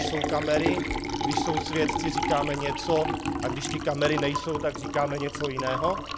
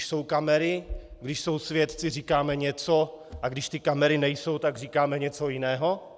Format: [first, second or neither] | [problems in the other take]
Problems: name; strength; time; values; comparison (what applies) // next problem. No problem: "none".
second | background sound (Liquid); 1 dB below the speech